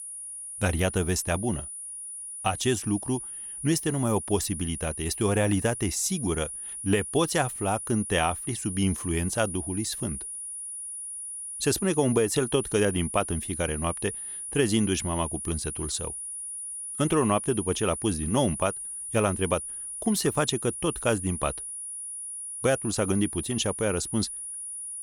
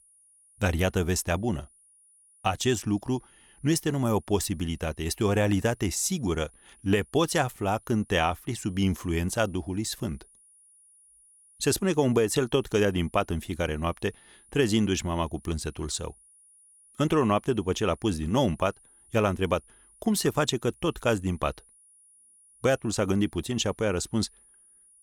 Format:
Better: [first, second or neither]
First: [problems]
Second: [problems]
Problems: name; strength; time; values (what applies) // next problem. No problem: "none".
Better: second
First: high-pitched whine; loud; throughout; 9.5 kHz, 6 dB below the speech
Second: high-pitched whine; faint; throughout; 9.5 kHz, 30 dB below the speech